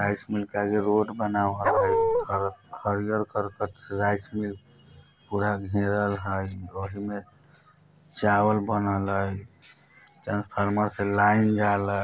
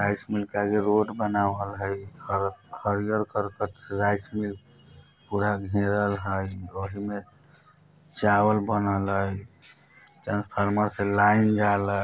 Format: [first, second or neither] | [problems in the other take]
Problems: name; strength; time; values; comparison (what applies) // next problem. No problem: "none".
second | background sound (Dog); 4 dB above the speech